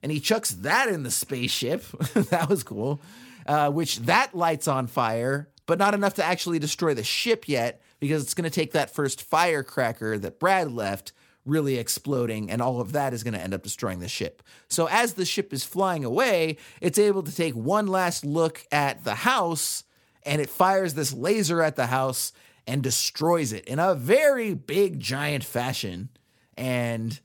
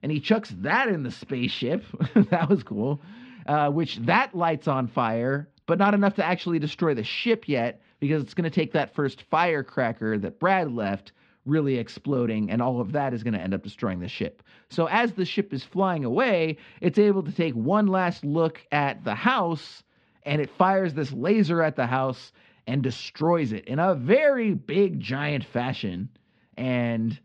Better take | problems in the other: first | muffled; slightly; fading above 3.5 kHz

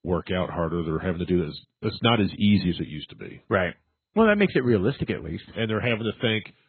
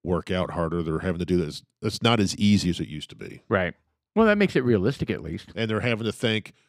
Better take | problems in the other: second | garbled, watery; badly; nothing above 4 kHz

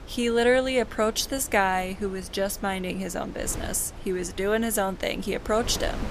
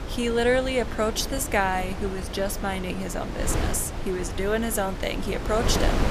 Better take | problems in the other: first | wind noise on the microphone; heavy; 8 dB below the speech; occasional gusts in the first

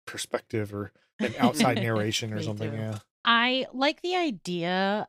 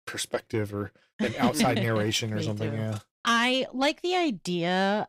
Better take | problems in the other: first | distortion; slight; 10 dB below the speech

